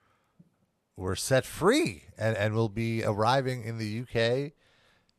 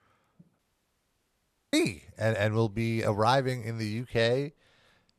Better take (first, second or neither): first